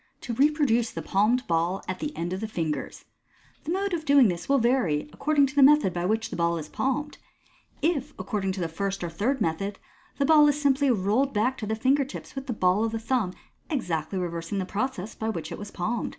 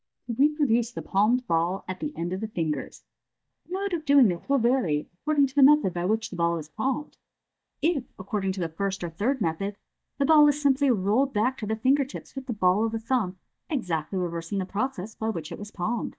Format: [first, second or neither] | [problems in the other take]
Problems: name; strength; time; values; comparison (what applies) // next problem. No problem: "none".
first | noise reduction (neural mask model DeepFilterNet 3)